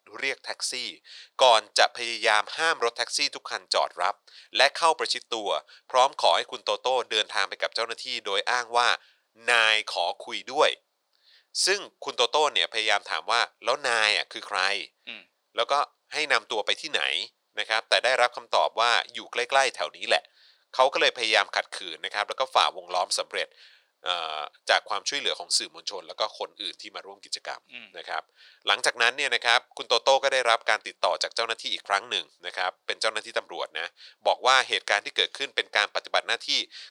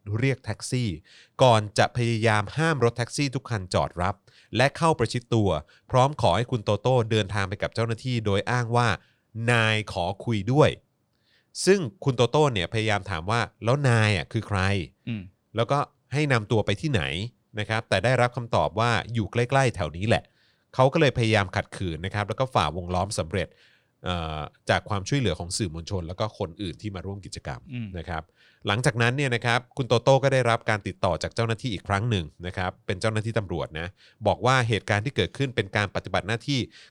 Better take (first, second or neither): second